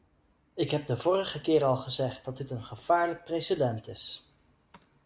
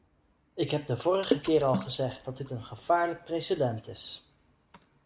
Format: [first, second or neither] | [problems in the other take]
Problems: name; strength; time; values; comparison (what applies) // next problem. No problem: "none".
first | background sound (Water / Splash, splatter); 7 dB below the speech